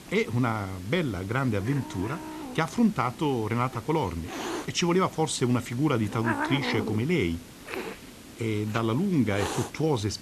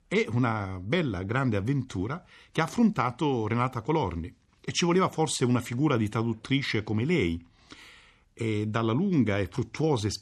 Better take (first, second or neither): second